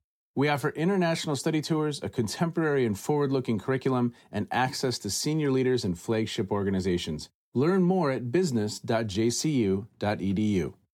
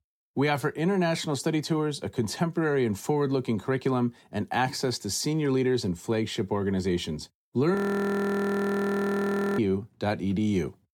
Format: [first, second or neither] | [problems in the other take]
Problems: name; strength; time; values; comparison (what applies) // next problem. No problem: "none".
first | audio freezing; at 8 s for 2 s